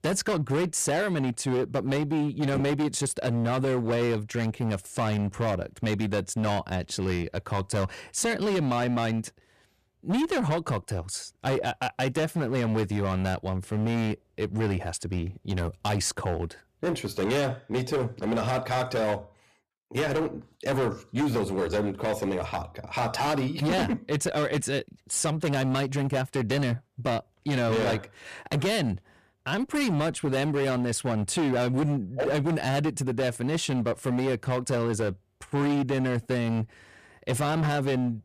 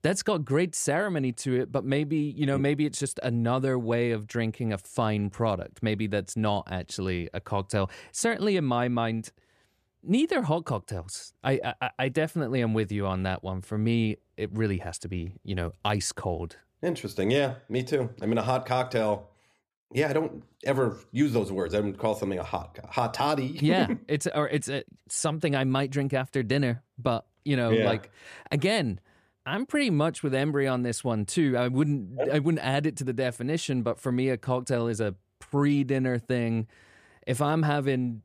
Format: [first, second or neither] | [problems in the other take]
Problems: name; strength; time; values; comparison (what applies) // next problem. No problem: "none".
second | distortion; heavy; 18% of the sound clipped